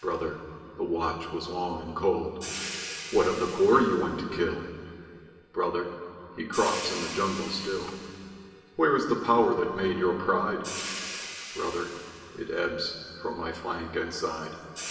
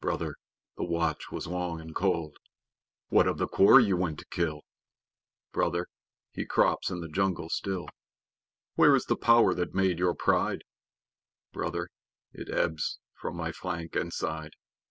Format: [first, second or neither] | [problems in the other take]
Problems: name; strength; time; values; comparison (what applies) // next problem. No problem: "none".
second | background sound (Hi-hat); 14 dB below the speech // room echo; dies away in 2.7 s